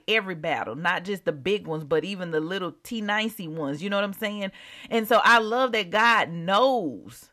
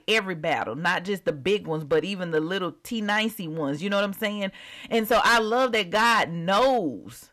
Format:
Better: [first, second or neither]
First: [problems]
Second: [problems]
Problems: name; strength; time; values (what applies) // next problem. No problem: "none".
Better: first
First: none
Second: distortion; slight; 4% of the sound clipped